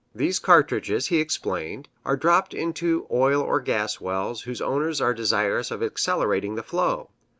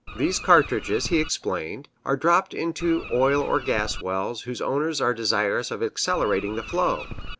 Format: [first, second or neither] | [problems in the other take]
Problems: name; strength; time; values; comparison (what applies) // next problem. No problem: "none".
first | background sound (Bird); 11 dB below the speech